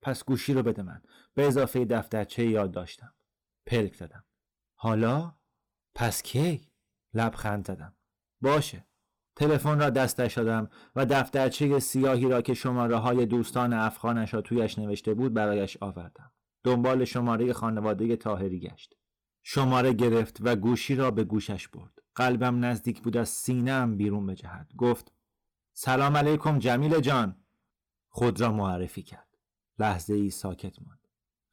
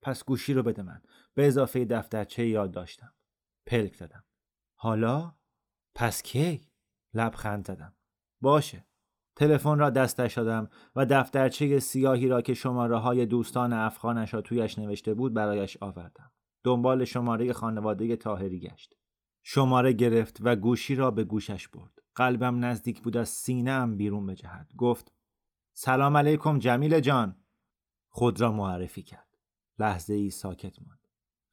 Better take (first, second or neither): second